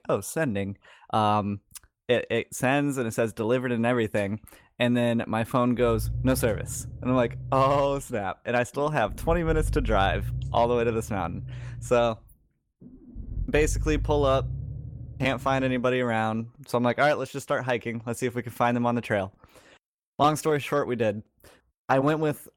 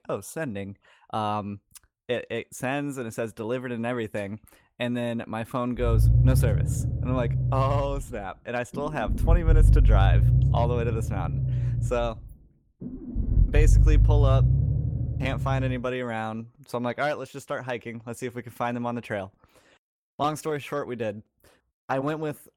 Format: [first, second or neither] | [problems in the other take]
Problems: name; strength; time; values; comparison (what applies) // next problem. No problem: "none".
first | low rumble; loud; from 6 to 16 s; 8 dB below the speech; faint in the first